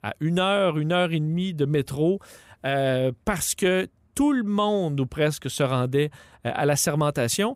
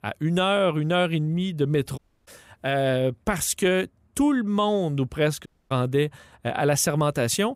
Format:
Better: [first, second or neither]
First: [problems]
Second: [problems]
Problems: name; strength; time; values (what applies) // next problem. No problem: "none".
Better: first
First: none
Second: audio cutting out; at 2 s and at 5.5 s